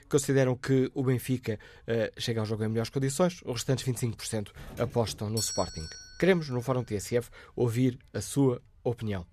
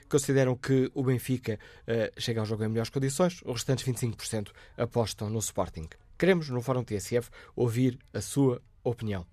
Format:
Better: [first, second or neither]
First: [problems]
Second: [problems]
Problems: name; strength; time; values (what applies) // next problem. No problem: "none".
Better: second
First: doorbell; noticeable; from 4.5 to 6 s; peak 4 dB below the speech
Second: none